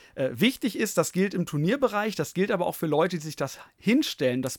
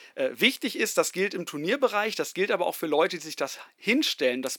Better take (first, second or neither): first